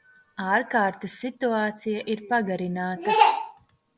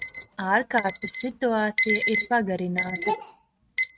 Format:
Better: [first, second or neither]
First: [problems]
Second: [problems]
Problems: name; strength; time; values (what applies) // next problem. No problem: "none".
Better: first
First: none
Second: noise reduction (neural mask model RNNoise)